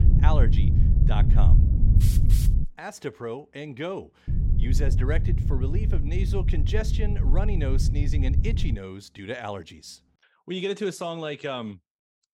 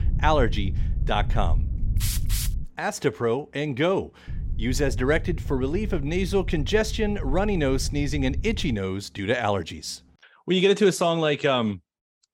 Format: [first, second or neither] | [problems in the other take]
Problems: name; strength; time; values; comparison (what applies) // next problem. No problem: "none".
second | low rumble; loud; until 2.5 s and from 4.5 to 9 s; 5 dB below the speech; faint in the second